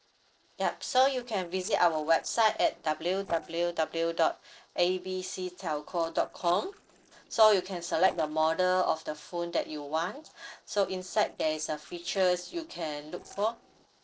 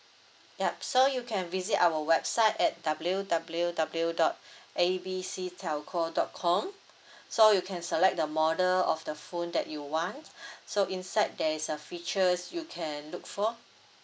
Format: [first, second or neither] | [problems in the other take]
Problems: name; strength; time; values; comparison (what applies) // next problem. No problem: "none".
second | noise reduction (neural separator model SepFormer DNS4)